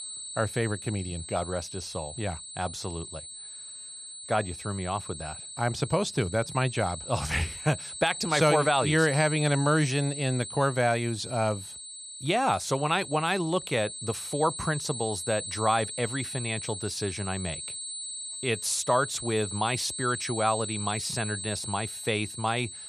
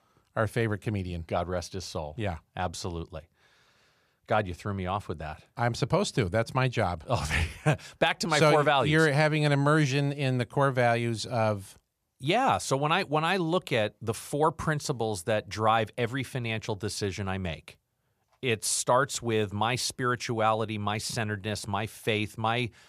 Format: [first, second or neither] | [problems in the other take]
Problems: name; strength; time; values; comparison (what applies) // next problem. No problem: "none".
second | high-pitched whine; loud; throughout; 8 kHz, 8 dB below the speech